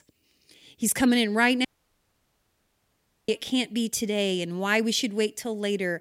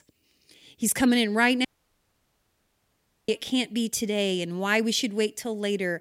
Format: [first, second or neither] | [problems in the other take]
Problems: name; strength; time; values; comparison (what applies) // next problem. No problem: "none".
neither | audio cutting out; at 1.5 s for 1.5 s; the same in both